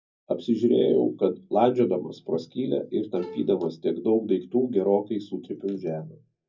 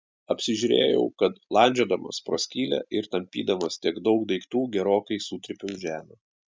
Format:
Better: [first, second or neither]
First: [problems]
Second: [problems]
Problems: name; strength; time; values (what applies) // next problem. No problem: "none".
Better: second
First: background sound (Bowed string instrument); 19 dB below the speech // room echo; dies away in 0.4 s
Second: none